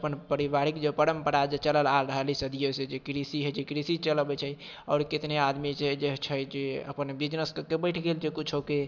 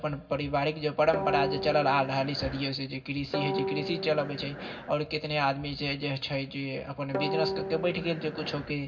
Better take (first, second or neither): first